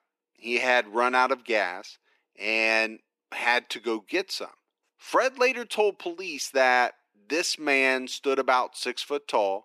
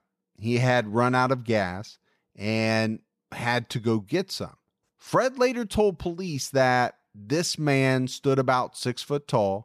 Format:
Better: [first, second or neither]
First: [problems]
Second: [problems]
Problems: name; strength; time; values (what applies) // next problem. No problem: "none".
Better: second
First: thin; somewhat; fading below 300 Hz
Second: none